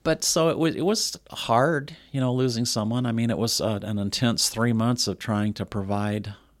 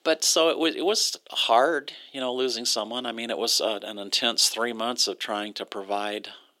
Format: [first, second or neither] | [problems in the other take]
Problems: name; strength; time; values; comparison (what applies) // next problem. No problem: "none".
first | thin; very; fading below 350 Hz